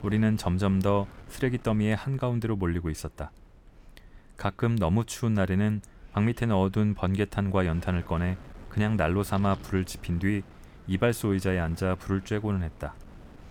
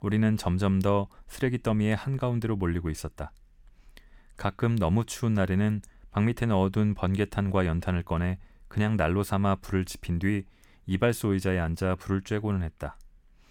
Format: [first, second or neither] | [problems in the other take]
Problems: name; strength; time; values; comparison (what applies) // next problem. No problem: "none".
second | wind noise on the microphone; occasional gusts; 20 dB below the speech